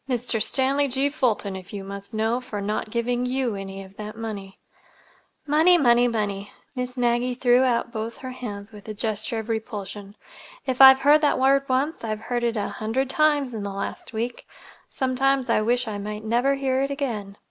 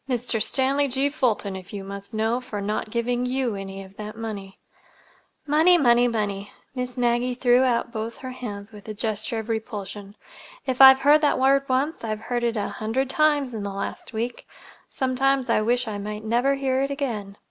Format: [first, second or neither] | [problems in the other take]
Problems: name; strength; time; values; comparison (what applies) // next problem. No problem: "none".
second | noise reduction (neural mask model Resemble Enhance denoiser)